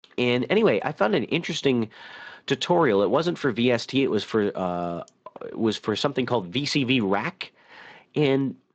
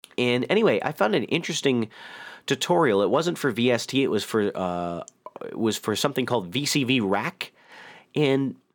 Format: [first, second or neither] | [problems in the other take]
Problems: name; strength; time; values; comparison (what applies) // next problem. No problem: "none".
second | garbled, watery; slightly; nothing above 7.5 kHz